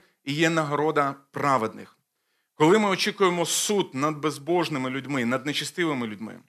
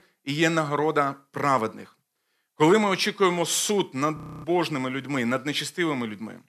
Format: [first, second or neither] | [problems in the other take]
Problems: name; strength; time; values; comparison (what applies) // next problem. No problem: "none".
first | audio freezing; at 4 s